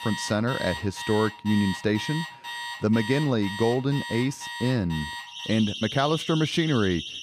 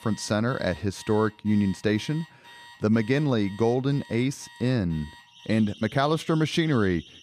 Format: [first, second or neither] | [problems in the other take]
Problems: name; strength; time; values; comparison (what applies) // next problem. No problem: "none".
second | alarms or sirens; loud; throughout; 8 dB below the speech; faint in the second